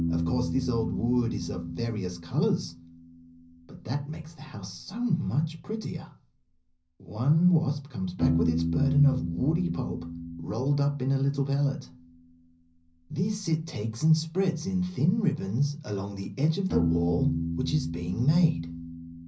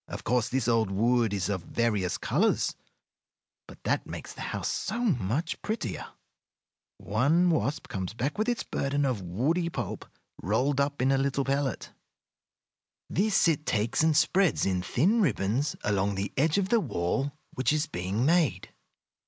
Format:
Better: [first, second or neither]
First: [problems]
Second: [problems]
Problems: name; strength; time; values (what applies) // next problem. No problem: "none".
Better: second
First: background sound (Piano); 6 dB below the speech // room echo; dies away in 0.5 s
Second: none